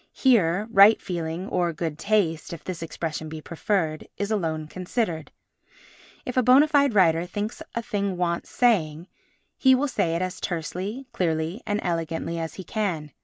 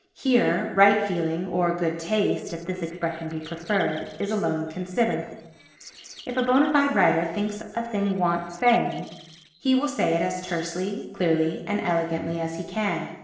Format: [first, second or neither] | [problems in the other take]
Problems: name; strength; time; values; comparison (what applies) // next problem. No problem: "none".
first | noise reduction (neural separator model SepFormer DNS4)